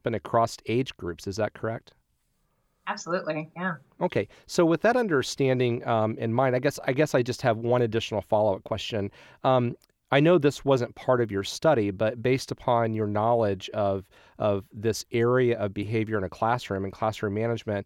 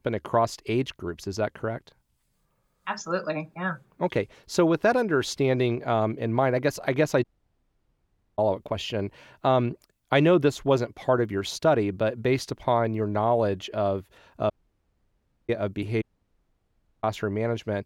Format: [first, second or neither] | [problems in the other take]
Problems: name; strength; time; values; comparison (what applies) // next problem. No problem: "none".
first | audio cutting out; at 7 s for 1 s, at 15 s for 1 s and at 16 s for 1 s